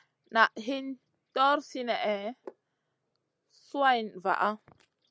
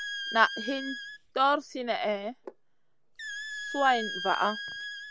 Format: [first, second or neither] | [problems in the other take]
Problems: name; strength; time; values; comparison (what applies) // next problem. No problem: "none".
first | background sound (Squeak); 9 dB below the speech